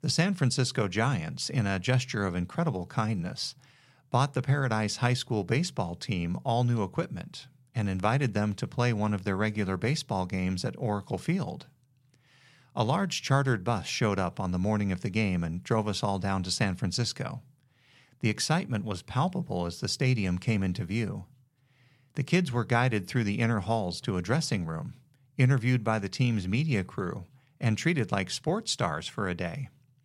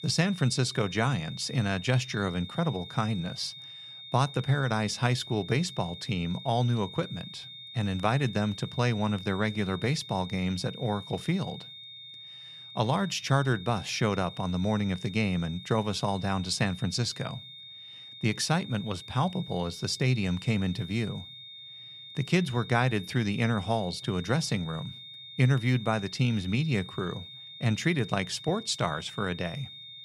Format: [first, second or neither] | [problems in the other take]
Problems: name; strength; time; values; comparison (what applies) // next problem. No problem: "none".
first | high-pitched whine; noticeable; throughout; 3.5 kHz, 15 dB below the speech